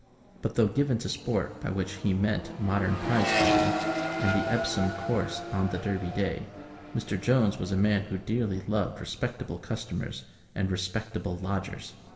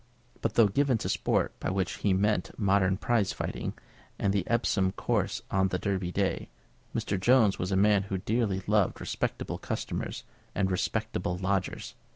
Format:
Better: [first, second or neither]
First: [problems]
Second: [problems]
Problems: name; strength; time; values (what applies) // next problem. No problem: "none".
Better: second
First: background sound (Accelerating, revving, vroom); 5 dB below the speech // room echo; dies away in 2.8 s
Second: none